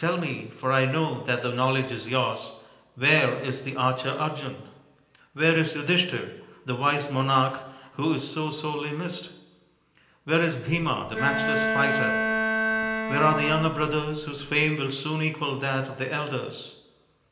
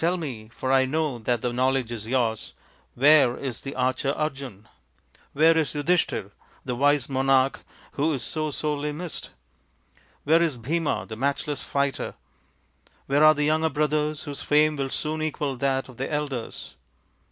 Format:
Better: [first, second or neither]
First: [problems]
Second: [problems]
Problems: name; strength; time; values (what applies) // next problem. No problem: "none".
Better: second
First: background sound (Bowed string instrument); 1 dB below the speech // room echo; dies away in 0.8 s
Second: none